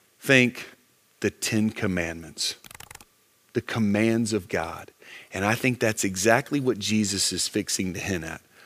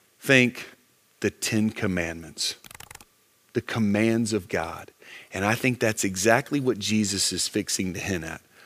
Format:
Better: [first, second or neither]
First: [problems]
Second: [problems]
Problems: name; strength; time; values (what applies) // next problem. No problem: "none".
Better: neither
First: keyboard typing; faint; at 2.5 s; peak 20 dB below the speech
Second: keyboard typing; faint; at 2.5 s; peak 20 dB below the speech